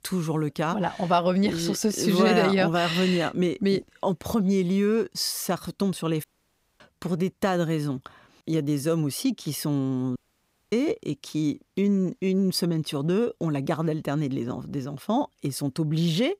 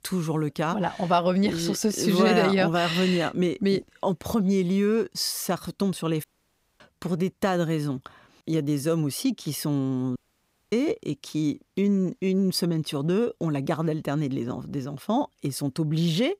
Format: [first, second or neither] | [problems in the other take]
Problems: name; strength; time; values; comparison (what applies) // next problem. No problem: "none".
neither | audio cutting out; at 6 s for 0.5 s and at 10 s for 0.5 s; the same in both